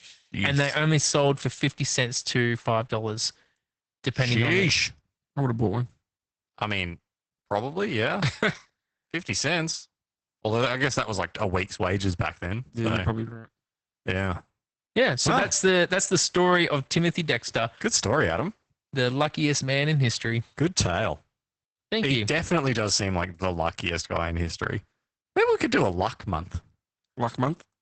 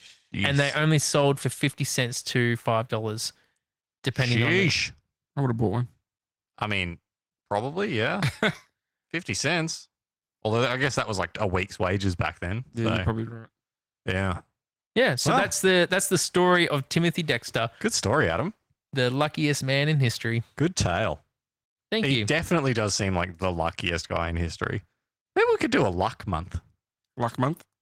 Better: second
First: garbled, watery; badly; nothing above 8 kHz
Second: garbled, watery; slightly; nothing above 16 kHz

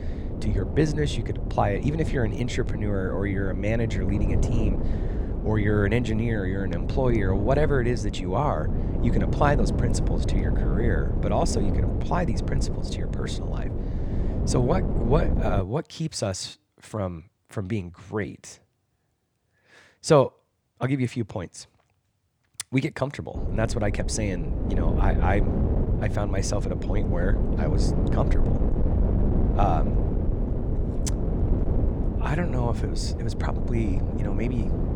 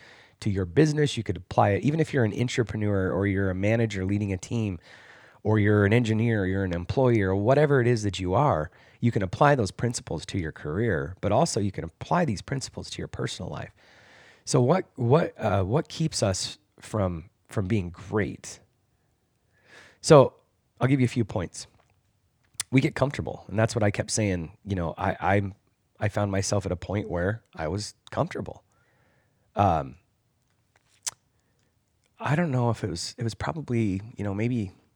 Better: second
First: wind noise on the microphone; heavy; until 16 s and from 23 s on; 6 dB below the speech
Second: none

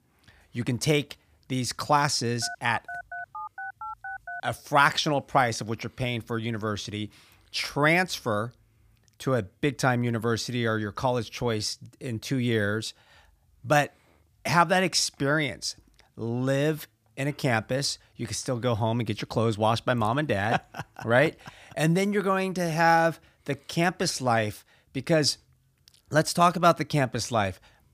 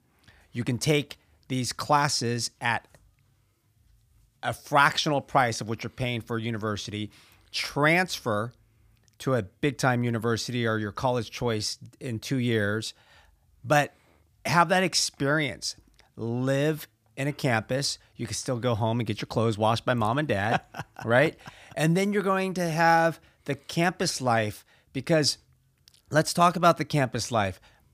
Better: second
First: phone ringing; faint; from 2.5 to 4.5 s; peak 10 dB below the speech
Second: none

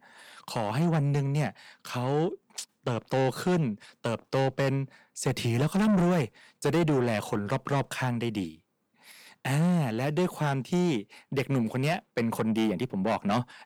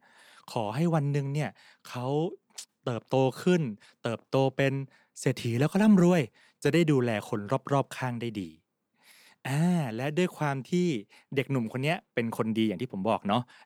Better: second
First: distortion; heavy; 8 dB below the speech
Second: none

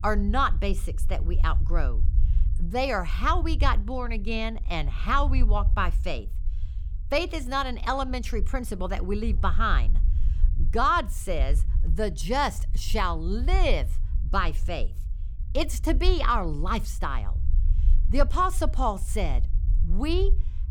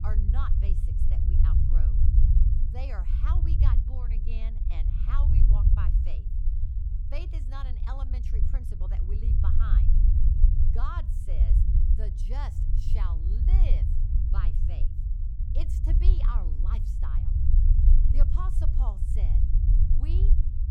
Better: first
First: low rumble; faint; throughout; 20 dB below the speech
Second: low rumble; loud; throughout; 1 dB below the speech

